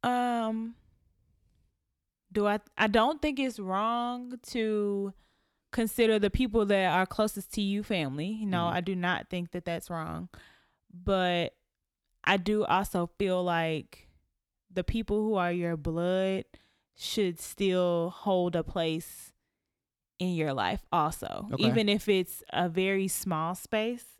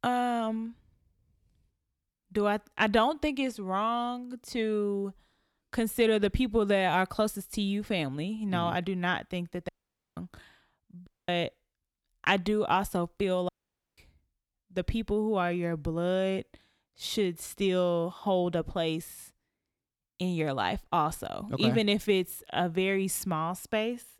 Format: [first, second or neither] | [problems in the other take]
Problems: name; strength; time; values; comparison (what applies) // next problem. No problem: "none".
first | audio cutting out; at 9.5 s, at 11 s and at 13 s